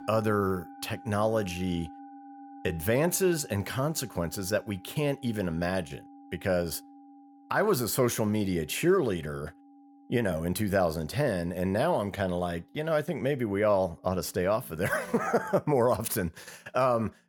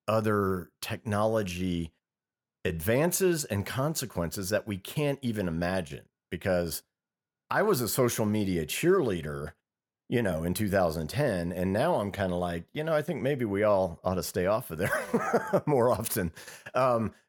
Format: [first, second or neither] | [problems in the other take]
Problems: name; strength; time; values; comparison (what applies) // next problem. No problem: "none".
second | background music; faint; throughout; 20 dB below the speech